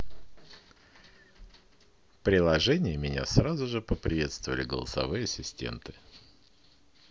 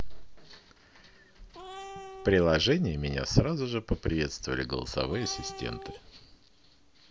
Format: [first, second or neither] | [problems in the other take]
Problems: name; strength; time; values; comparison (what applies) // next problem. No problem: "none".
first | background sound (Cat); 14 dB below the speech